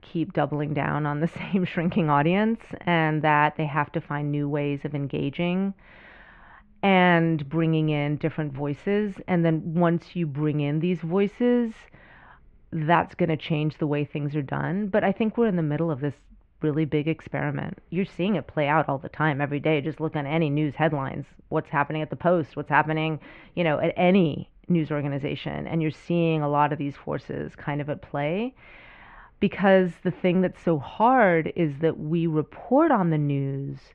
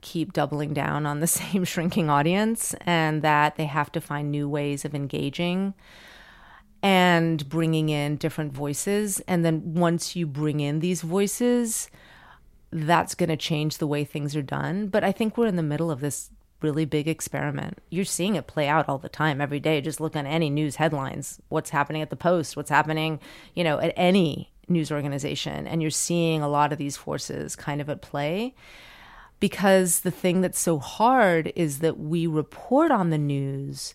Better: second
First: muffled; very; fading above 2.5 kHz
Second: none

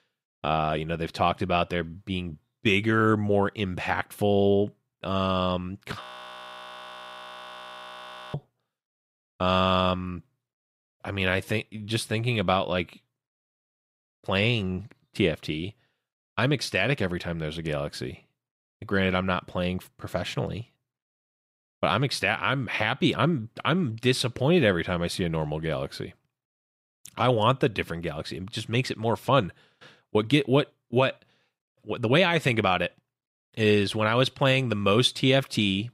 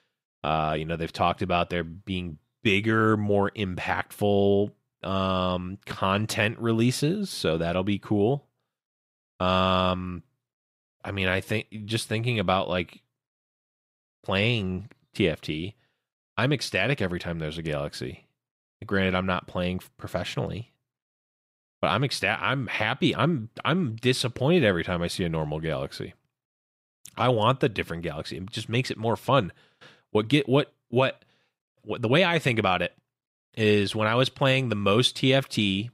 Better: second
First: audio freezing; at 6 s for 2.5 s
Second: none

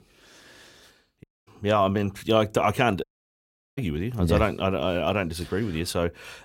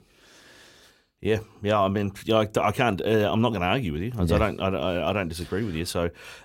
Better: second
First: audio cutting out; at 1 s and at 3 s for 0.5 s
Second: none

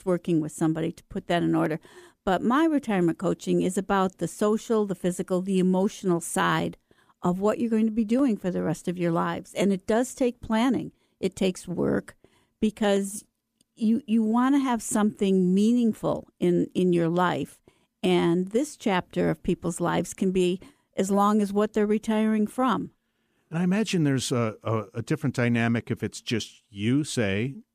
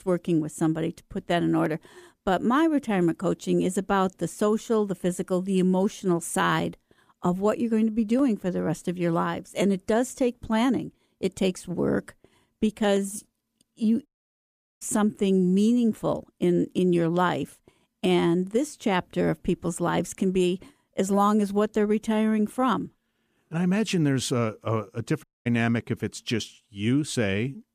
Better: first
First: none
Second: audio cutting out; at 14 s for 1 s and at 25 s

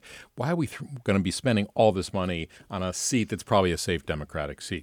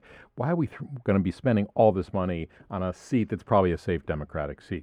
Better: first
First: none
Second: muffled; very; fading above 3 kHz

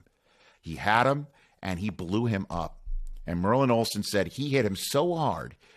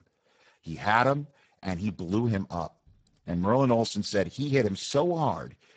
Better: first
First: none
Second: garbled, watery; badly; nothing above 8 kHz

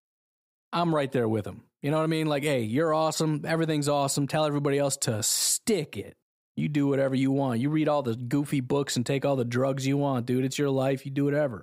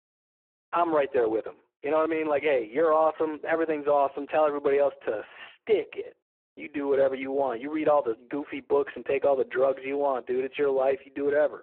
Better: first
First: none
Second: phone-call audio; poor line

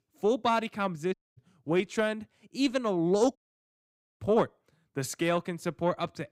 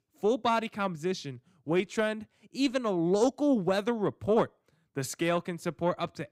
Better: second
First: audio cutting out; at 1 s and at 3.5 s for 1 s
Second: none

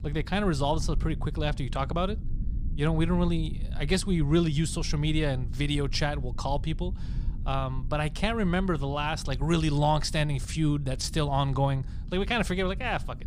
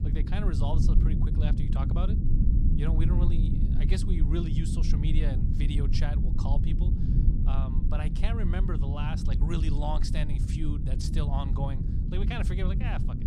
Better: first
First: low rumble; faint; throughout; 20 dB below the speech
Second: low rumble; loud; throughout; 2 dB below the speech

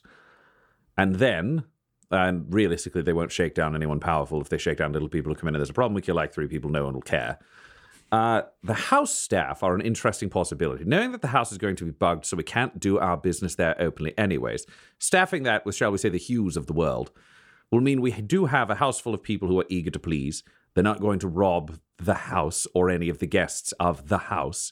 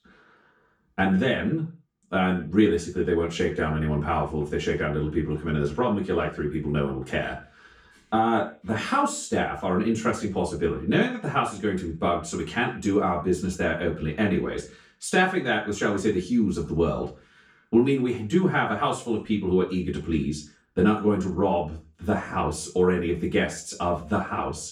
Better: first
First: none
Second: room echo; slight; dies away in 0.3 s // off-mic speech; far

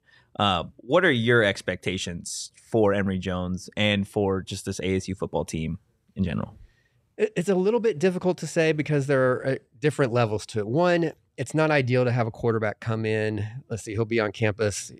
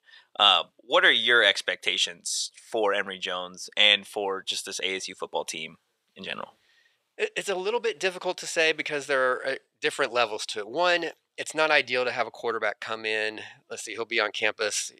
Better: first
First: none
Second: thin; very; fading below 650 Hz

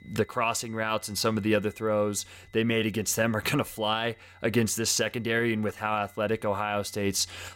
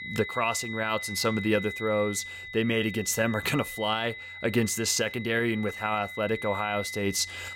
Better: first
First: high-pitched whine; faint; throughout; 2 kHz, 30 dB below the speech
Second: high-pitched whine; loud; throughout; 2 kHz, 9 dB below the speech

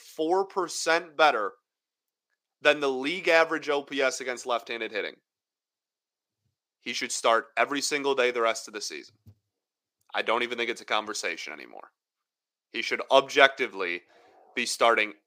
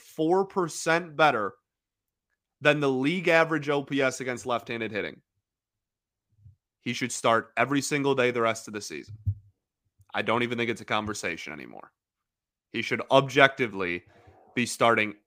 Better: second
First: thin; somewhat; fading below 450 Hz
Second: none

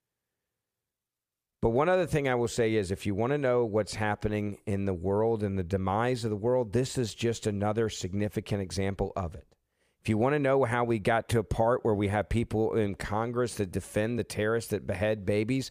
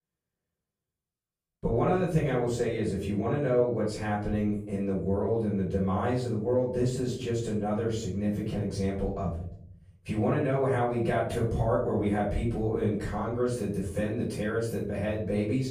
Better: first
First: none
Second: off-mic speech; far // room echo; noticeable; dies away in 0.8 s

